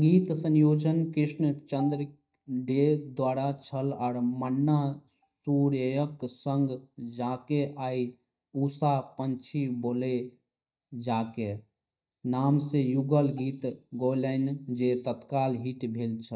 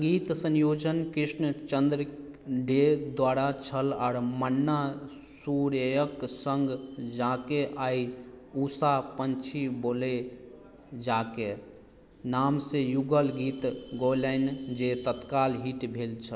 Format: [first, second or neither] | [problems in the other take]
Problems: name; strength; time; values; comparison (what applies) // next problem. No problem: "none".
second | noise reduction (neural mask model DeepFilterNet 3)